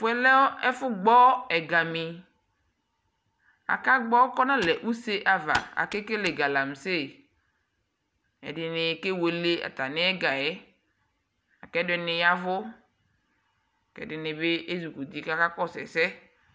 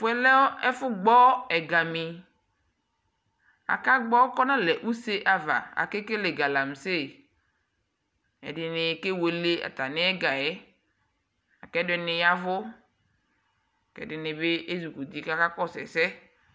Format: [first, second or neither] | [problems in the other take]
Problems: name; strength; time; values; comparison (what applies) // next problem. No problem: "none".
second | background sound (Computer keyboard); 15 dB below the speech